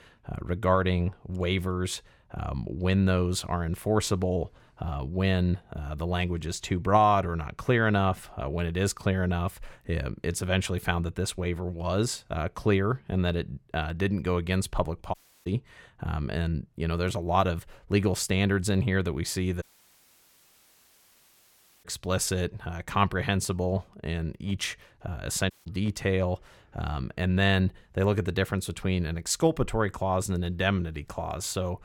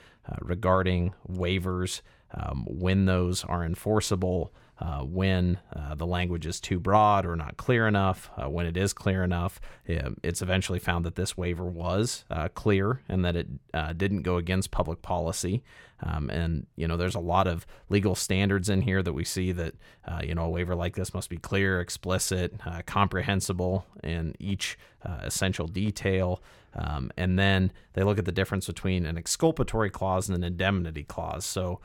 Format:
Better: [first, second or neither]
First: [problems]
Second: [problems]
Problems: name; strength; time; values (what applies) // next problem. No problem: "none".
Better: second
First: audio cutting out; at 15 s, at 20 s for 2 s and at 26 s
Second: none